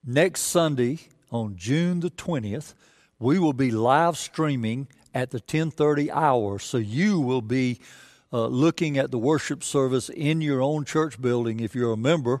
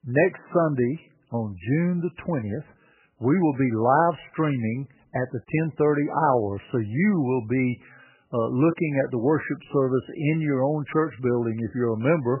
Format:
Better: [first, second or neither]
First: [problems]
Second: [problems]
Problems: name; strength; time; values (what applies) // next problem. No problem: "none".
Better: first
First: none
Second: garbled, watery; badly; nothing above 3 kHz